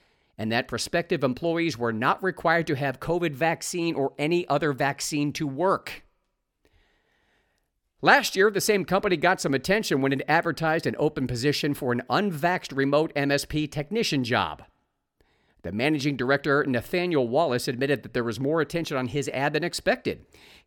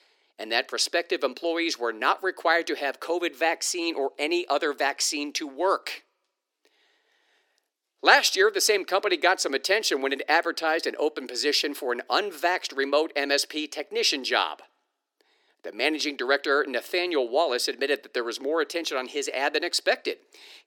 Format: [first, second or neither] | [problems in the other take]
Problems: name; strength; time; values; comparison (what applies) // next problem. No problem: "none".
first | thin; somewhat; fading below 300 Hz